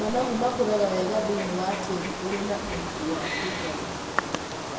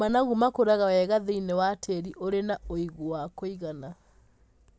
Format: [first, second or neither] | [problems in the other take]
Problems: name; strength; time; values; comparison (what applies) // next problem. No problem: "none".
second | background sound (Wild animals); 3 dB below the speech // room echo; dies away in 2.2 s